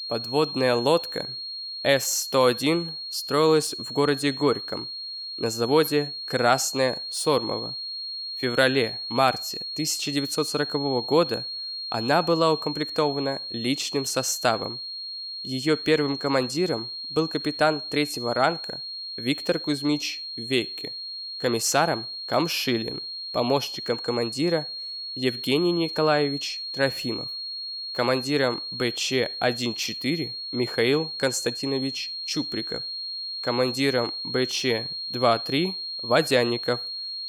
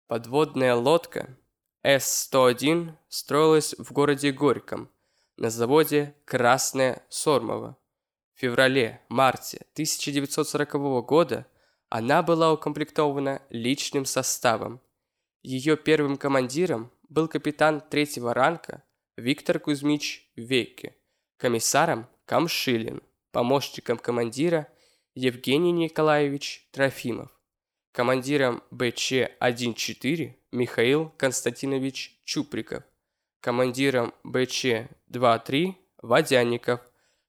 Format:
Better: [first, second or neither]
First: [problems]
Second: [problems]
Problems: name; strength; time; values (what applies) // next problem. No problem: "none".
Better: second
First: high-pitched whine; loud; throughout; 4.5 kHz, 6 dB below the speech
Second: none